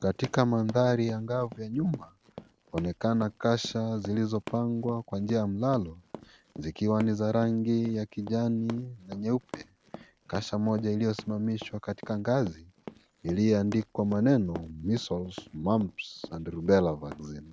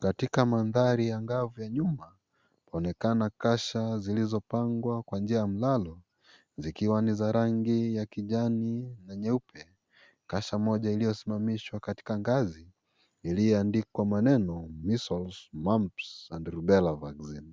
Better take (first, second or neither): second